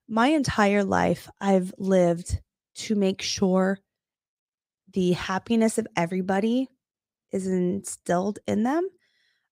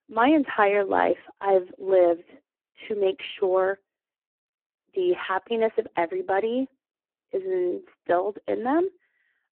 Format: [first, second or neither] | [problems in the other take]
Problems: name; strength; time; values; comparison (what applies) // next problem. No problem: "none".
first | phone-call audio; poor line